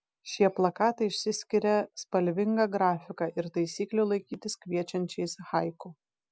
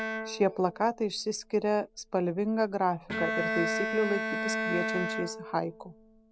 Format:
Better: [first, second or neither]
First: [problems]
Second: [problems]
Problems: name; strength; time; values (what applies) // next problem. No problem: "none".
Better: first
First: none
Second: background sound (Bowed string instrument); 4 dB below the speech